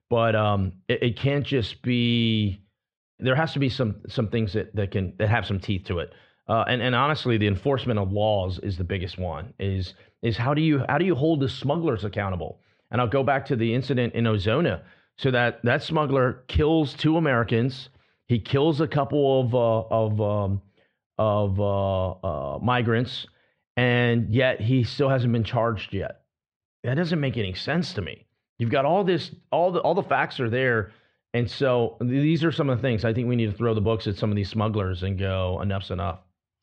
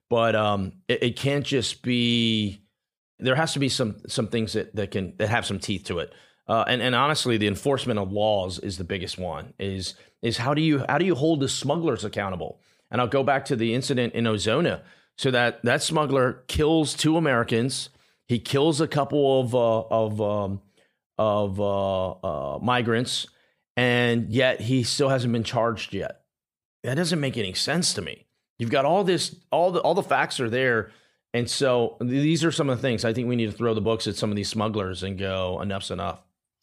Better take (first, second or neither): second